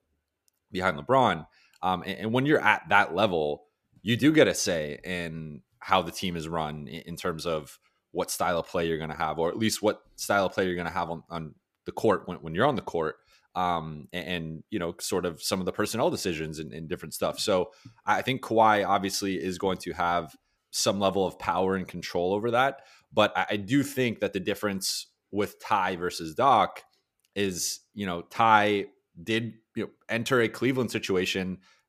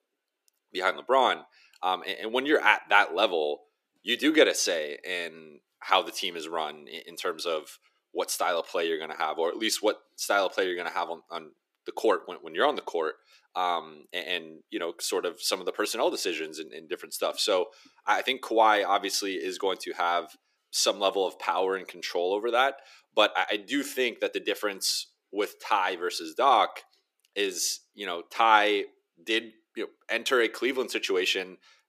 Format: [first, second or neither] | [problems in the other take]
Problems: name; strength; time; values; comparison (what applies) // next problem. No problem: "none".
first | thin; somewhat; fading below 350 Hz